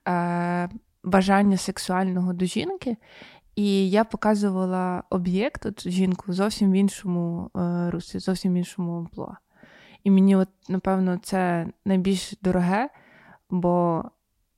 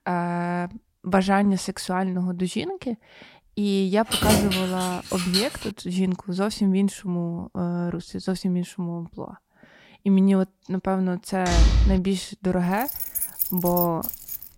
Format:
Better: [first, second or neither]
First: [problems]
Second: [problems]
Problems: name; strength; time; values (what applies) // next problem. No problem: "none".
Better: first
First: none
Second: jangling keys; loud; from 4 to 5.5 s and from 13 s on; peak 4 dB above the speech // door banging; loud; at 11 s; peak 5 dB above the speech